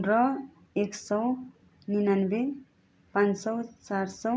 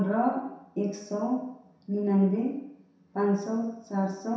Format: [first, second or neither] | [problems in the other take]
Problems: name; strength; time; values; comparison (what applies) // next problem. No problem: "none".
first | room echo; dies away in 0.7 s